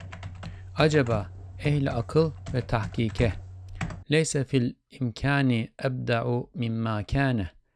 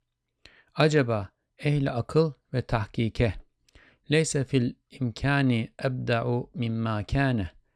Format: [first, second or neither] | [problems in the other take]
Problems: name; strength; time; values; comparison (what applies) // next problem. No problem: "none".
second | keyboard typing; noticeable; until 4 s; peak 9 dB below the speech